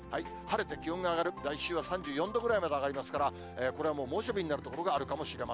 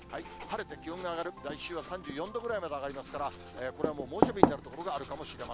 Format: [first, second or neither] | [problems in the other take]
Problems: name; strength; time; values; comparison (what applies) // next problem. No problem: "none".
first | background sound (Writing); 2 dB above the speech